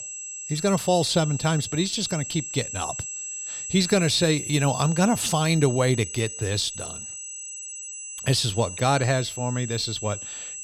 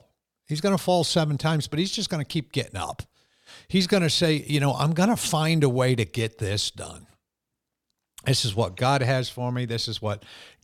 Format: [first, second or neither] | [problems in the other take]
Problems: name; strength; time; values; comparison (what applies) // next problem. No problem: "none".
second | high-pitched whine; loud; throughout; 7.5 kHz, 8 dB below the speech